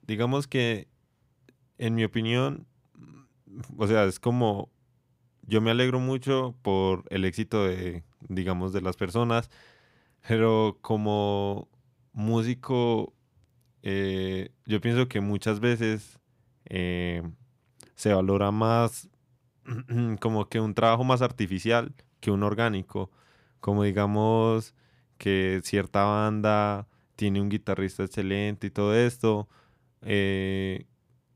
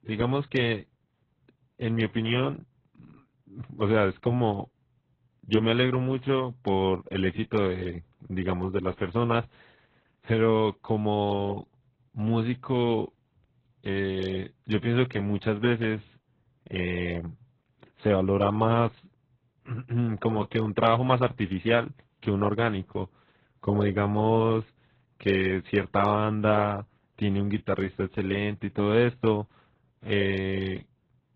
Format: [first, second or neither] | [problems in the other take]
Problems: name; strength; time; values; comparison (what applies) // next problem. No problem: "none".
first | garbled, watery; badly